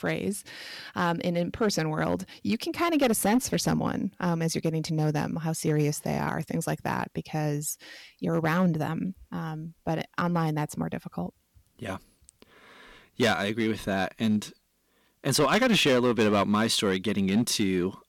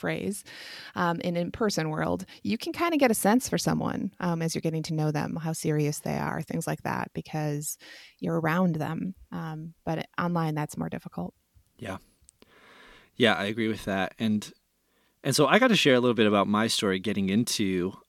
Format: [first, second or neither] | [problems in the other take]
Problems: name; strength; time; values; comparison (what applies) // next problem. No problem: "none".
second | distortion; slight; 3% of the sound clipped